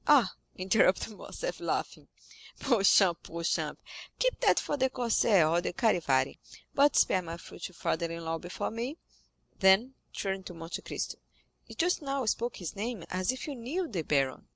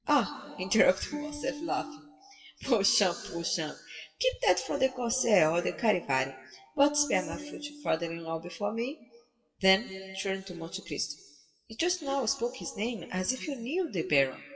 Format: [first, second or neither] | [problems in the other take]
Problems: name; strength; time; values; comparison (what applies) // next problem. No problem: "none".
first | noise reduction (classical method WPE with log-MMSE)